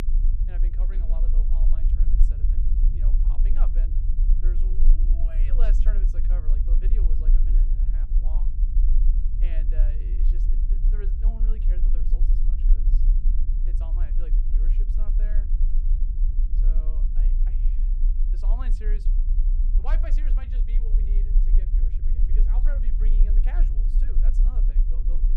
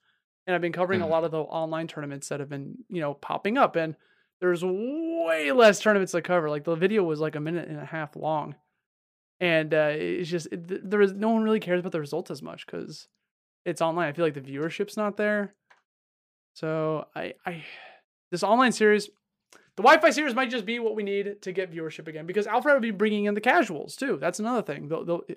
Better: second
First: low rumble; loud; throughout; 2 dB below the speech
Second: none

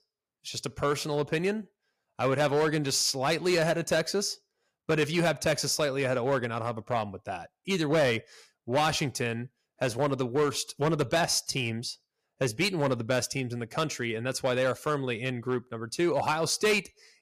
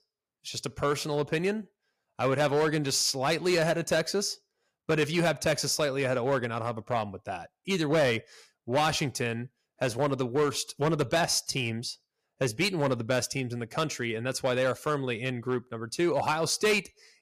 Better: neither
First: distortion; slight; 5% of the sound clipped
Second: distortion; slight; 5% of the sound clipped

